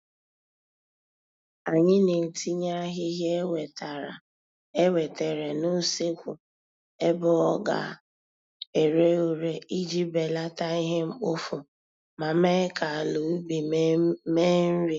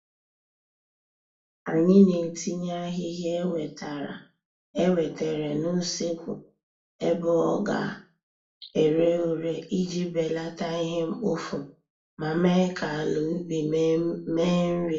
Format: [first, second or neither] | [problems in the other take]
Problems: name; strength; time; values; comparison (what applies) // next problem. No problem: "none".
first | room echo; dies away in 0.3 s